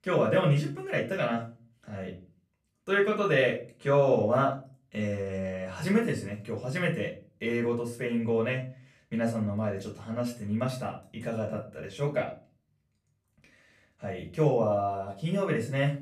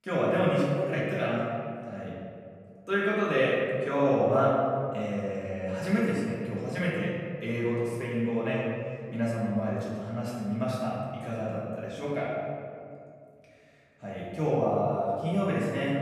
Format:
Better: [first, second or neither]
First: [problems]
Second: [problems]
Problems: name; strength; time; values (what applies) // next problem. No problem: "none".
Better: first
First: room echo; slight; dies away in 0.3 s // off-mic speech; far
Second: room echo; strong; dies away in 2.1 s // off-mic speech; far